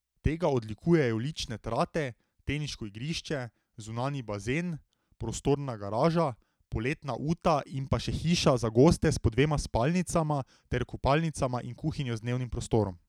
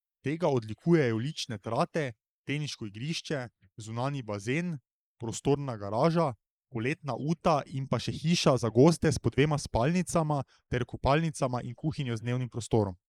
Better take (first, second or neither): first